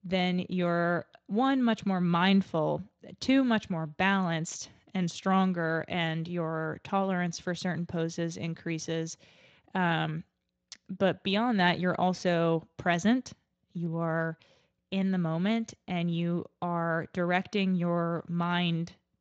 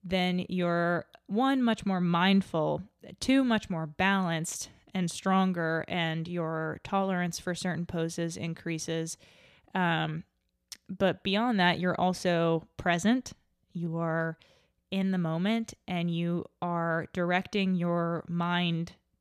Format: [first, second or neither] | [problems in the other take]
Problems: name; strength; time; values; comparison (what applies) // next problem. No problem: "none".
second | garbled, watery; slightly; nothing above 7.5 kHz